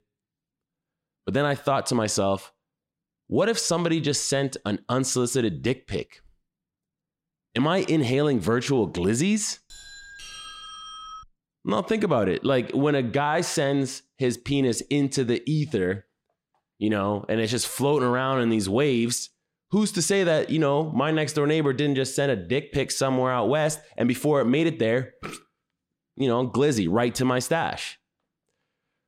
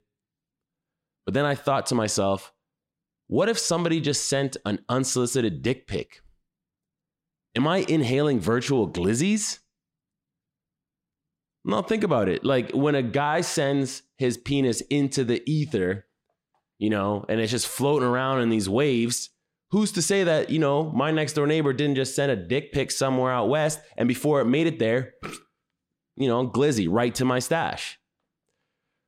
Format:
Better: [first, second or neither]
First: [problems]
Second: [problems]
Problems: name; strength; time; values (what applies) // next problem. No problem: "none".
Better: second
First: doorbell; faint; from 9.5 to 11 s; peak 15 dB below the speech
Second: none